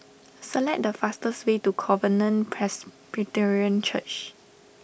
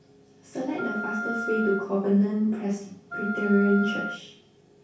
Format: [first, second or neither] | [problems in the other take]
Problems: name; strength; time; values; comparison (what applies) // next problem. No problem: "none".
first | background sound (Wind instrument, woodwind instrument); 8 dB below the speech // room echo; dies away in 0.6 s